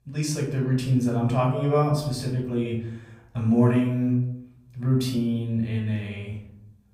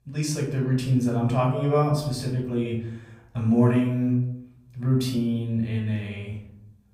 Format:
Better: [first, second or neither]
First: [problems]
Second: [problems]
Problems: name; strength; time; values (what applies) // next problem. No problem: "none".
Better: neither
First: off-mic speech; far // room echo; noticeable; dies away in 0.6 s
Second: off-mic speech; far // room echo; noticeable; dies away in 0.6 s